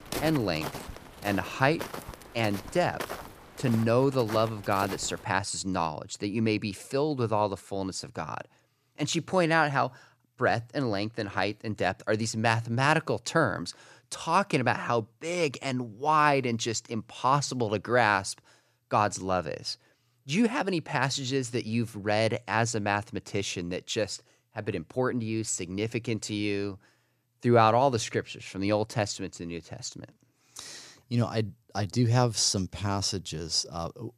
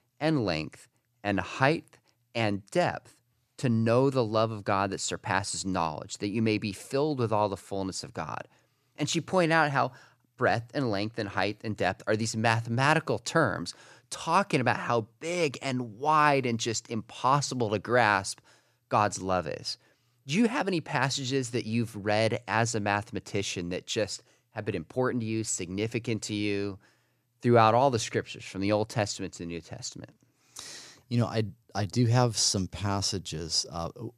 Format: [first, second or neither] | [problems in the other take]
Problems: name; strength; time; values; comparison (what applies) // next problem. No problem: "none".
second | footsteps; noticeable; until 5 s; peak 7 dB below the speech